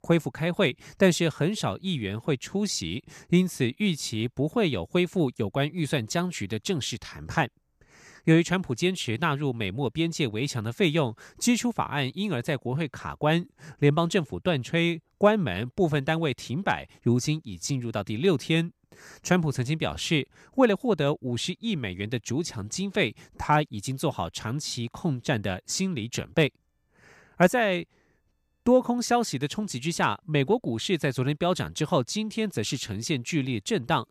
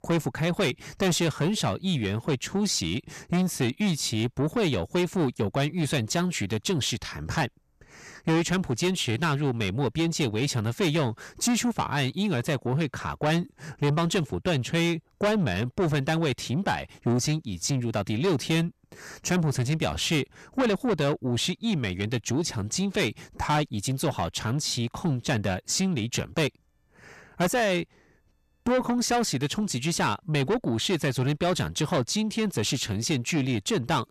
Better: first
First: none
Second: distortion; heavy; 7 dB below the speech

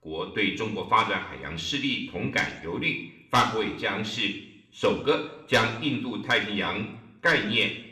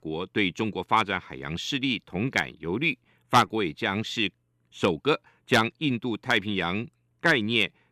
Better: second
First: room echo; slight; dies away in 0.6 s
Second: none

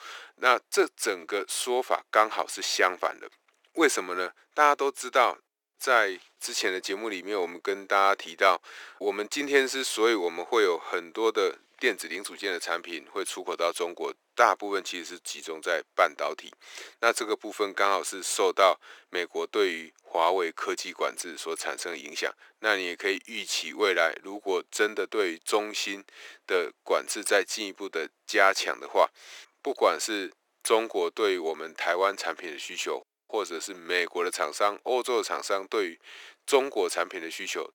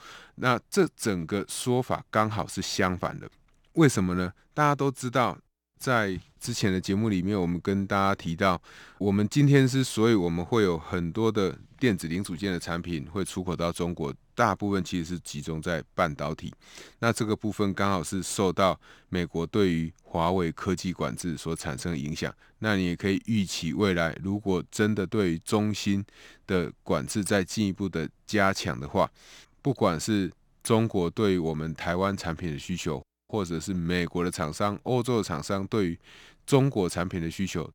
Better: second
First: thin; very; fading below 400 Hz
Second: none

